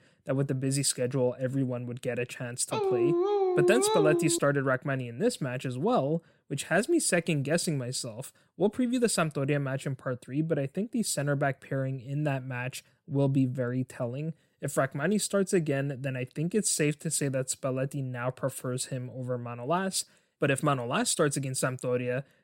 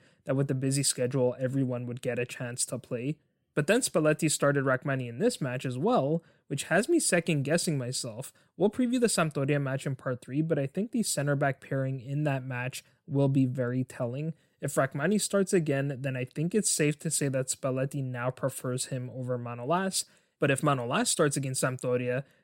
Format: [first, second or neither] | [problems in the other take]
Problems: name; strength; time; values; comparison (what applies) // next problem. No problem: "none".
second | dog barking; loud; from 2.5 to 4.5 s; peak 4 dB above the speech